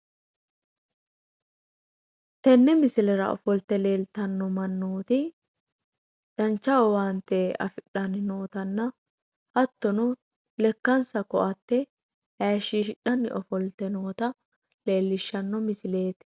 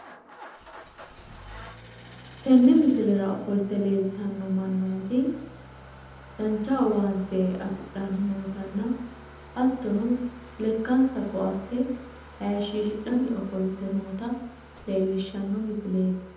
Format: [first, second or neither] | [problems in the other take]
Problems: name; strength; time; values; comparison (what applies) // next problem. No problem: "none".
first | background sound (Idling / Engine starting); 19 dB below the speech // room echo; dies away in 0.8 s